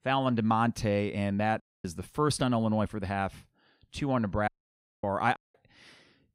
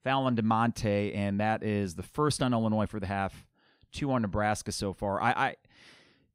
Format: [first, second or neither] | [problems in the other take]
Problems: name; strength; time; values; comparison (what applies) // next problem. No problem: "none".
second | audio cutting out; at 1.5 s, at 4.5 s for 0.5 s and at 5.5 s